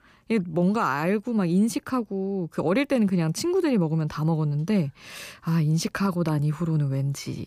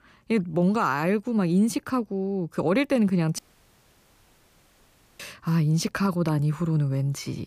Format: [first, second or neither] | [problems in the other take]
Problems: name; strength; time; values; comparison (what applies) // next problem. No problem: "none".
first | audio cutting out; at 3.5 s for 2 s